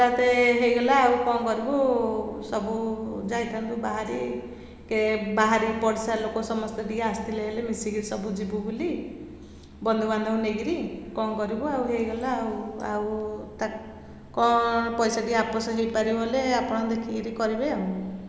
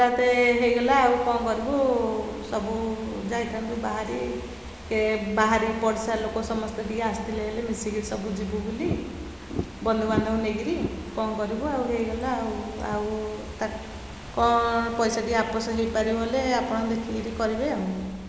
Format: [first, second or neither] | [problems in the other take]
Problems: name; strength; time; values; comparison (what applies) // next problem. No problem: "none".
first | background sound (Fireworks / Ocean); 12 dB below the speech